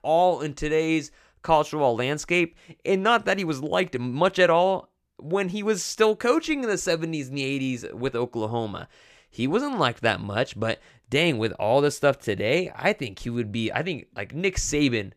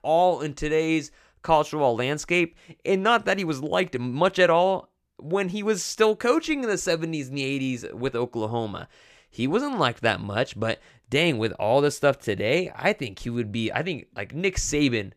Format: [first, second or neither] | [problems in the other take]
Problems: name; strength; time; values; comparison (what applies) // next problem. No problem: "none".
neither | none